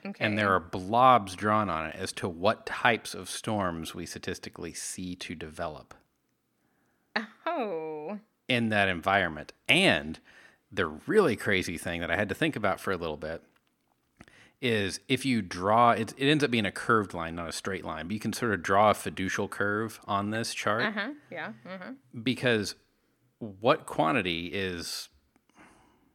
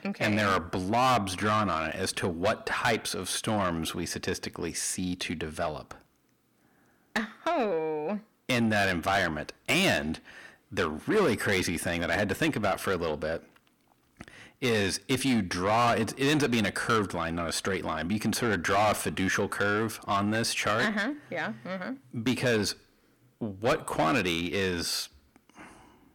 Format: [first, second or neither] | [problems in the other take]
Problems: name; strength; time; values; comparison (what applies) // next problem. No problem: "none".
first | distortion; heavy; 6 dB below the speech